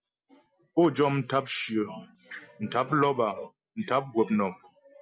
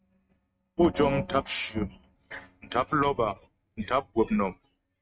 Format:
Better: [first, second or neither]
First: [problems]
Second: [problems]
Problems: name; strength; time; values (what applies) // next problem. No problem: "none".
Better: first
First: none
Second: noise reduction (neural mask model RNNoise)